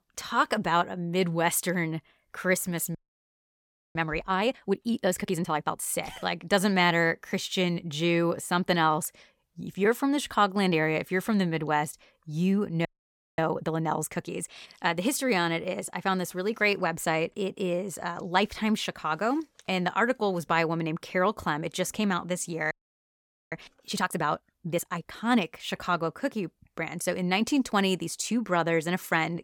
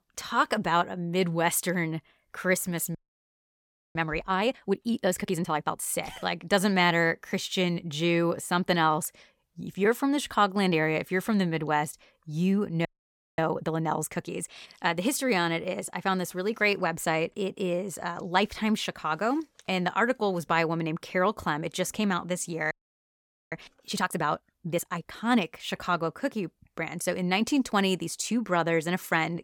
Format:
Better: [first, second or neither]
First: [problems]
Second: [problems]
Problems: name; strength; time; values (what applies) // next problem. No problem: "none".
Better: neither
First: audio freezing; at 3 s for 1 s, at 13 s for 0.5 s and at 23 s for 1 s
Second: audio freezing; at 3 s for 1 s, at 13 s for 0.5 s and at 23 s for 1 s